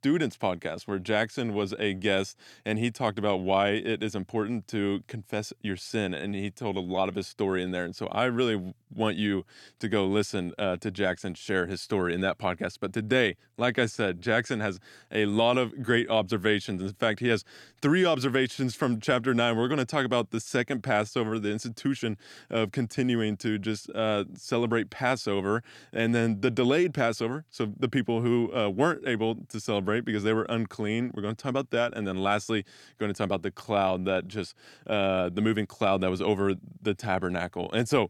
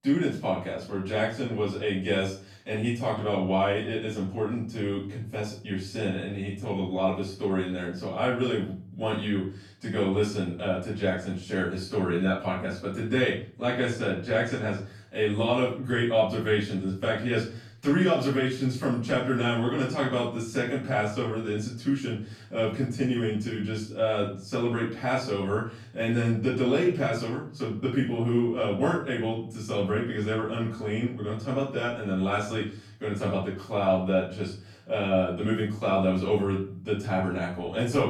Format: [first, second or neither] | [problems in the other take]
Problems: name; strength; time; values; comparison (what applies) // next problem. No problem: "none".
first | off-mic speech; far // room echo; noticeable; dies away in 0.4 s